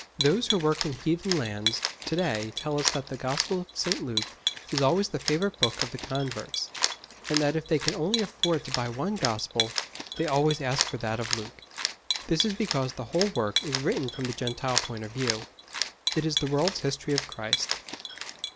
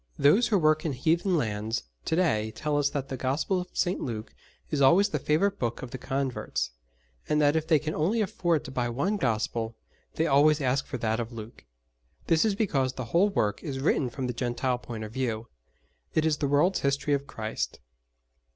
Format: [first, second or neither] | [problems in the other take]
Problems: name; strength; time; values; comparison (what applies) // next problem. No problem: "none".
second | background sound (Cat); 4 dB below the speech